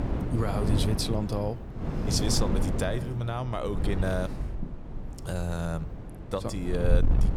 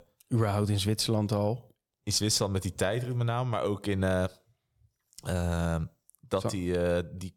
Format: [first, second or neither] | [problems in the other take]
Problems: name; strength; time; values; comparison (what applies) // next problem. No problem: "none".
second | wind noise on the microphone; heavy; 7 dB below the speech